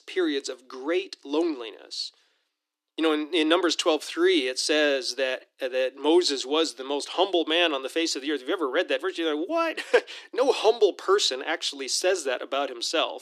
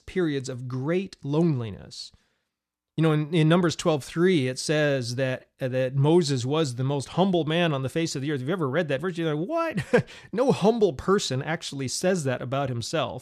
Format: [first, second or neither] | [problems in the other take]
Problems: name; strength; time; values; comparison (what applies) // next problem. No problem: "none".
second | thin; somewhat; fading below 300 Hz